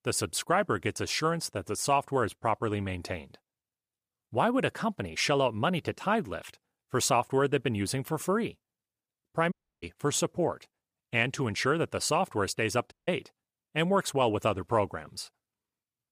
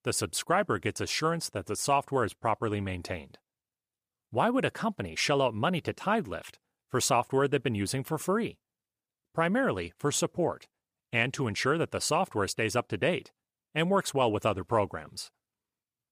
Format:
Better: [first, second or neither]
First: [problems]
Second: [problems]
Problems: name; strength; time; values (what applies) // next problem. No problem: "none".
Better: second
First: audio cutting out; at 9.5 s and at 13 s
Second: none